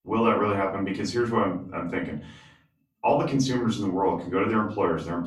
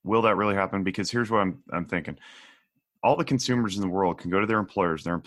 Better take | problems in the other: second | off-mic speech; far // room echo; slight; dies away in 0.4 s

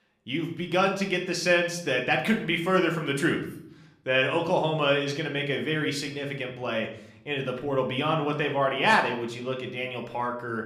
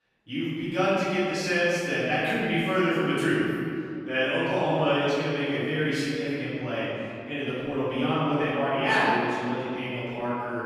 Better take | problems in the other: first | room echo; strong; dies away in 2.5 s; slight in the first // off-mic speech; far; somewhat distant in the first

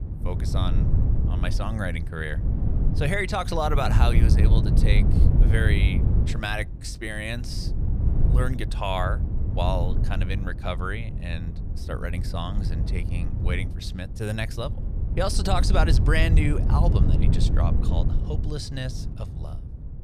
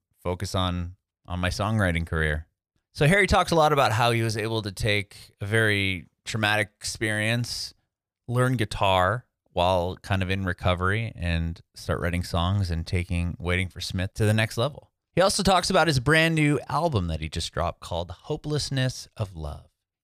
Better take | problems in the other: second | wind noise on the microphone; heavy; 8 dB below the speech

